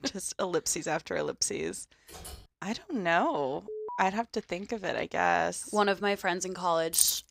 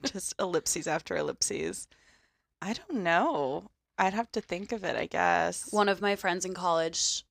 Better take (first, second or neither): second